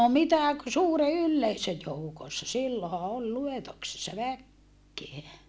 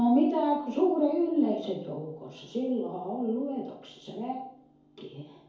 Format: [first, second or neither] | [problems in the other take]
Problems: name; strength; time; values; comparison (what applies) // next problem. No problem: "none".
first | room echo; dies away in 2.3 s